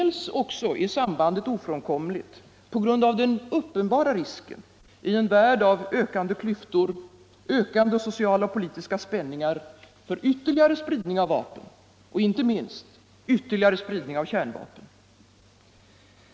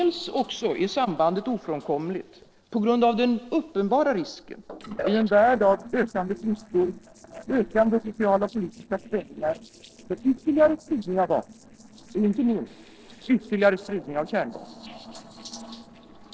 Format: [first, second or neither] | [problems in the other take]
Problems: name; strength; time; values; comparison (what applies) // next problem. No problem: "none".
first | noise reduction (neural separator model SepFormer DNS4)